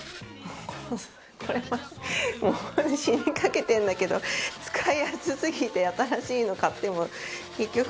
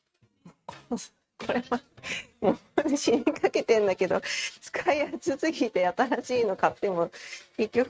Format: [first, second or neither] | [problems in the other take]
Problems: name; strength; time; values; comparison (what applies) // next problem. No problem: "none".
first | noise reduction (neural mask model RNNoise)